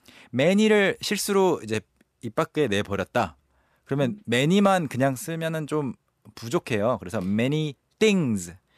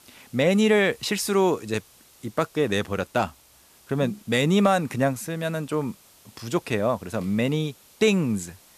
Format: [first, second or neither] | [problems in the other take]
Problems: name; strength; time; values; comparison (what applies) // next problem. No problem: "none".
first | hiss; faint; throughout; 25 dB below the speech